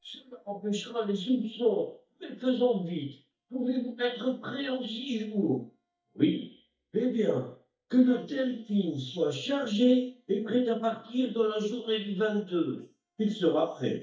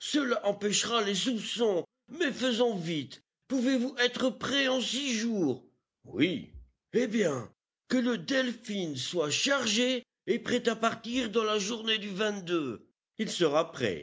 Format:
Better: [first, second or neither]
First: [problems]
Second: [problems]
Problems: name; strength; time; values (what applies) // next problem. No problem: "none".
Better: second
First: noise reduction (neural mask model DeepFilterNet 3)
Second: none